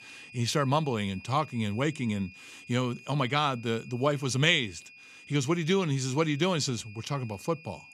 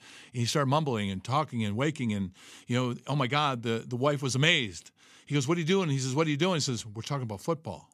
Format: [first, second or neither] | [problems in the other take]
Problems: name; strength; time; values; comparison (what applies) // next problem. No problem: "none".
second | high-pitched whine; noticeable; throughout; 2.5 kHz, 20 dB below the speech